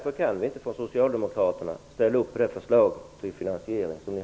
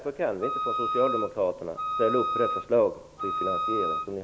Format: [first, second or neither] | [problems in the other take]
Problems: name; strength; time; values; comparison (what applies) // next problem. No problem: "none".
first | background sound (Wind instrument, woodwind instrument); 1 dB below the speech